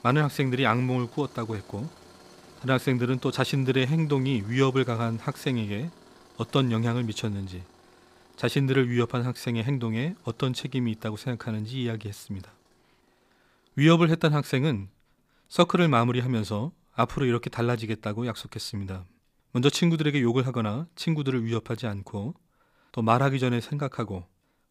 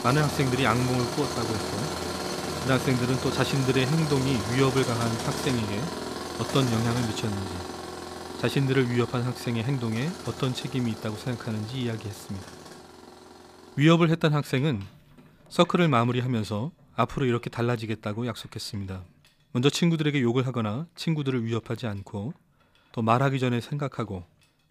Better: first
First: machinery noise; faint; throughout; 25 dB below the speech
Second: machinery noise; loud; throughout; 6 dB below the speech

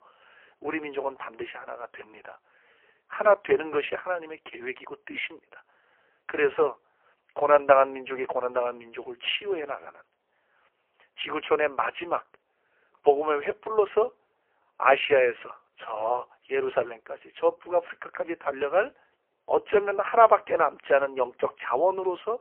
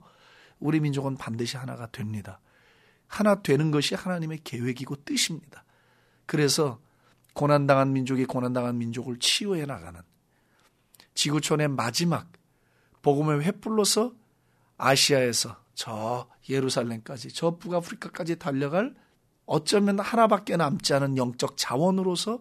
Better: second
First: phone-call audio; poor line; nothing above 3 kHz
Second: none

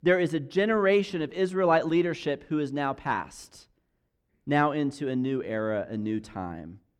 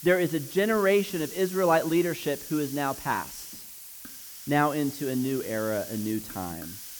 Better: first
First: none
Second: hiss; noticeable; throughout; 10 dB below the speech

